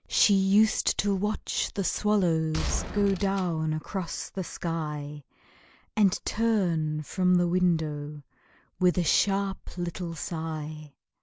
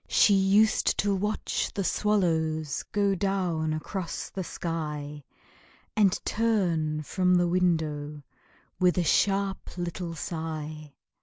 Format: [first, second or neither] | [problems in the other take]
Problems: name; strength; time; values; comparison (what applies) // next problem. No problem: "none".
second | background sound (Gunshot, gunfire); 7 dB below the speech